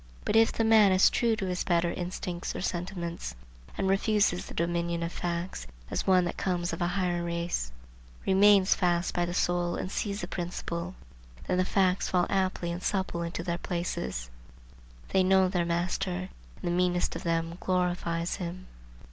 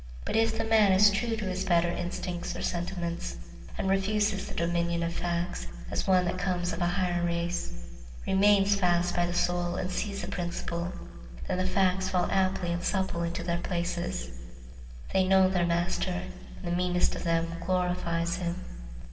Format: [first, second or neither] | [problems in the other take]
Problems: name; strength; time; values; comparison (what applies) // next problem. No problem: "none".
first | room echo; dies away in 1.9 s